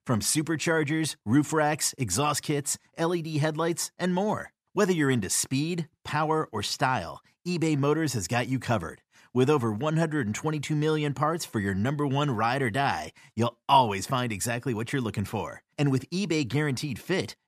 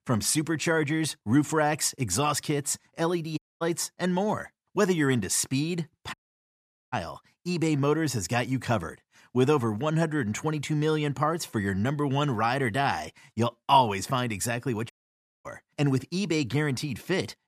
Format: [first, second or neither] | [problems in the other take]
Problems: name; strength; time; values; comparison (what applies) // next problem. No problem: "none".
first | audio cutting out; at 3.5 s, at 6 s for 1 s and at 15 s for 0.5 s